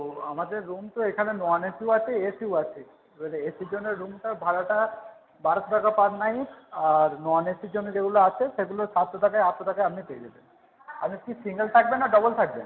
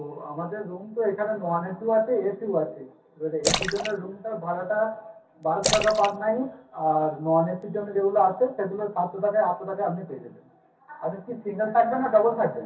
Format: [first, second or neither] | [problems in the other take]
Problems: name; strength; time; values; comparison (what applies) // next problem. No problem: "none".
first | background sound (Splash, splatter); 6 dB below the speech // room echo; dies away in 0.3 s